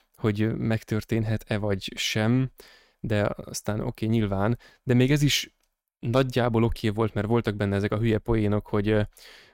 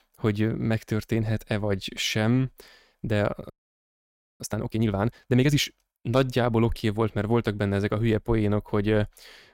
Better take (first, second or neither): first